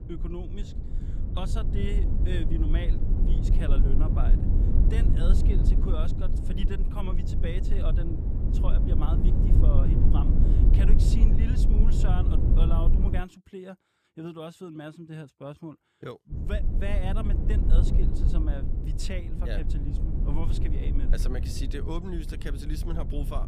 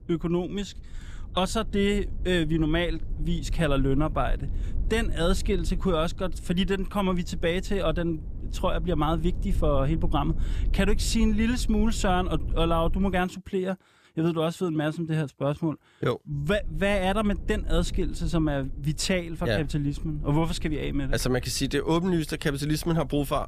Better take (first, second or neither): second